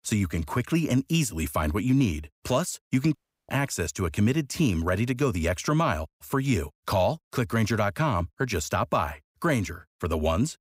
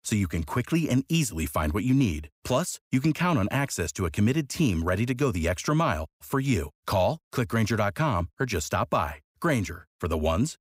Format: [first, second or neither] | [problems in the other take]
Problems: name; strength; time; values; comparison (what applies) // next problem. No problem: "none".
second | audio cutting out; at 3 s